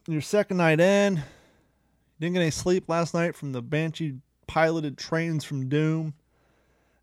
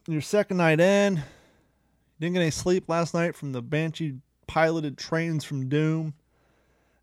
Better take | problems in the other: neither | none

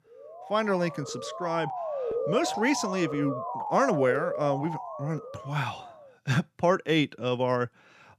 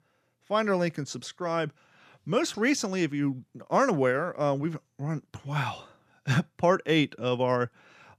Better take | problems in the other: second | siren; noticeable; until 6 s; peak 2 dB below the speech

